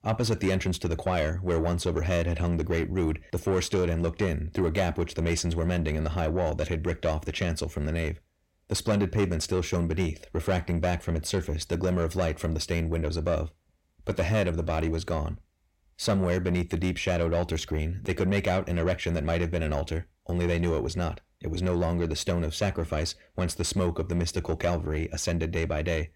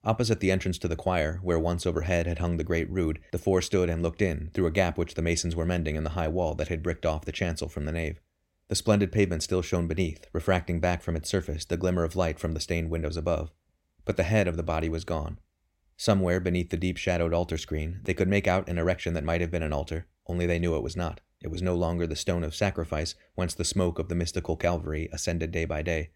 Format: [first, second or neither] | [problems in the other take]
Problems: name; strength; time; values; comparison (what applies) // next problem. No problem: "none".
second | distortion; slight; 10 dB below the speech